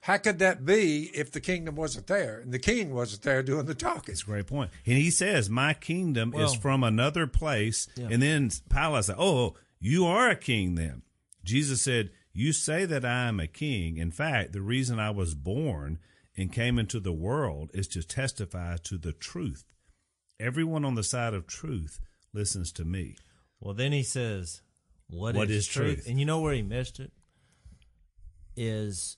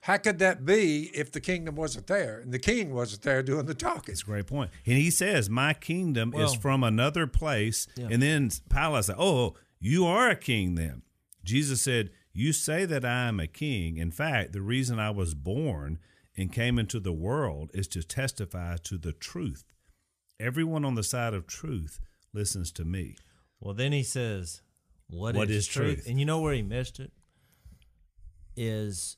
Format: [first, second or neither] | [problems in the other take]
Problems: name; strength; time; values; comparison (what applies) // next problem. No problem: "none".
second | garbled, watery; slightly; nothing above 9.5 kHz